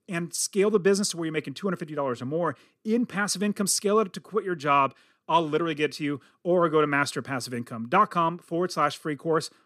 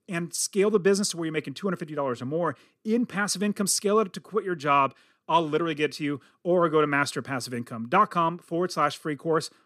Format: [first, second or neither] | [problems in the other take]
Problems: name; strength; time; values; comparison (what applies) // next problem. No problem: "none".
neither | none